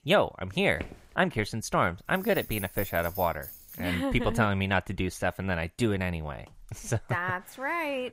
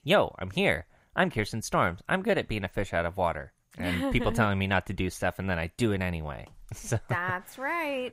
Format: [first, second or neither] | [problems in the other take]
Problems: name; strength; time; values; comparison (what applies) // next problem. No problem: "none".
second | footsteps; faint; at 1 s; peak 15 dB below the speech // jangling keys; noticeable; from 2 to 4 s; peak 8 dB below the speech